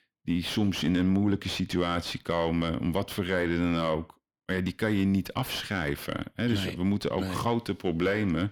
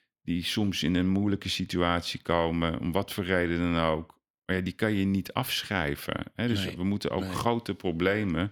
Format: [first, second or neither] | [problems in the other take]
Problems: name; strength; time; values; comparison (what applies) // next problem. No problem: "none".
second | distortion; slight; 10 dB below the speech